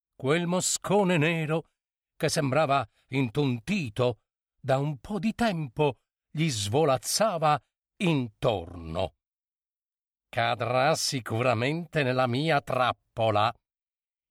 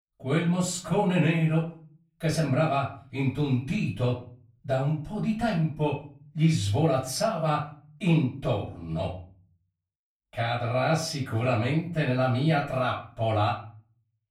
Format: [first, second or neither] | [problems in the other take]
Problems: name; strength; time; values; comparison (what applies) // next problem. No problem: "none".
first | off-mic speech; far // room echo; slight; dies away in 0.4 s